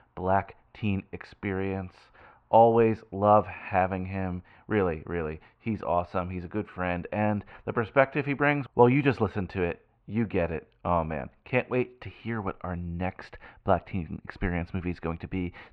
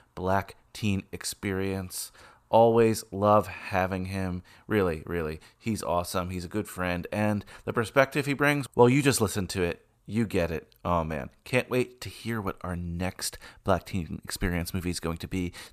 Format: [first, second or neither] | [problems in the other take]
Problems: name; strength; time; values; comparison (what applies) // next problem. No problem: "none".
second | muffled; very; fading above 2.5 kHz